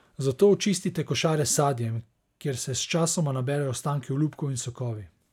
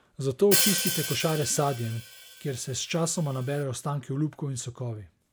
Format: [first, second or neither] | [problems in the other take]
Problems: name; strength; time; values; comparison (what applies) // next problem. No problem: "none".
first | background sound (Hi-hat); 3 dB below the speech